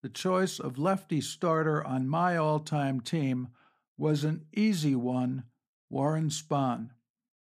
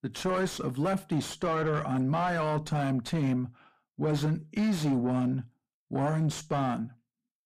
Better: first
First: none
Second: distortion; heavy; 7 dB below the speech

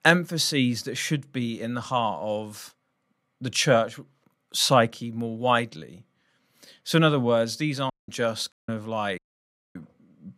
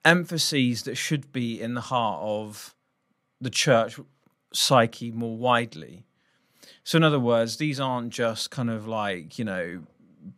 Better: second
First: audio cutting out; at 8 s, at 8.5 s and at 9 s for 0.5 s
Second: none

